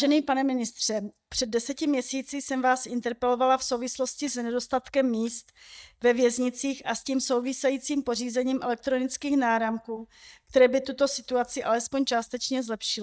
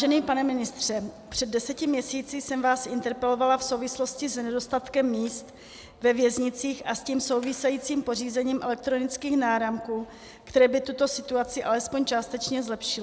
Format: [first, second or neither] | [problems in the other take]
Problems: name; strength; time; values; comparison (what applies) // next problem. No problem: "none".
second | noise reduction (neural mask model DeepFilterNet 3)